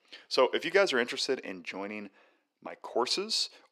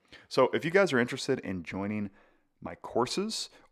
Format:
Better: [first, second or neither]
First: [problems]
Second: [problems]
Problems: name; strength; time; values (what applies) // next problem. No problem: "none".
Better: second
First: thin; very slightly; fading below 400 Hz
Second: none